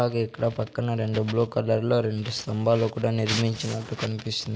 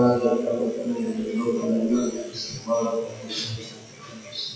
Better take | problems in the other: first | noise reduction (classical method WPE with log-MMSE)

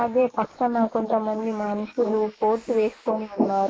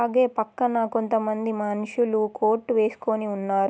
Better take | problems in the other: second | noise reduction (neural mask model Resemble Enhance denoiser)

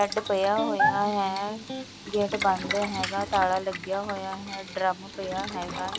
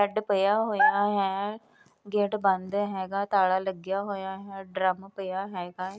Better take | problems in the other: second | background sound (Electric guitar + Boiling); 8 dB below the speech

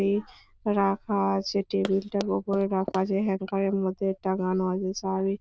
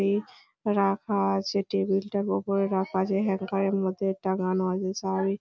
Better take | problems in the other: second | noise reduction (neural diffusion model UNIVERSE++)

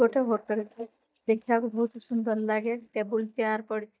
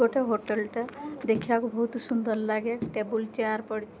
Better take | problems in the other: second | noise reduction (neural mask model DeepFilterNet 3)

